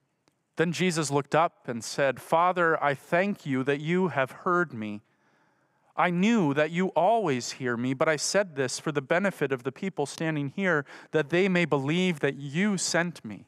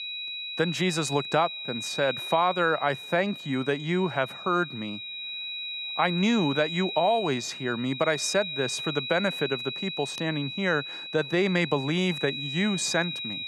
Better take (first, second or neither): first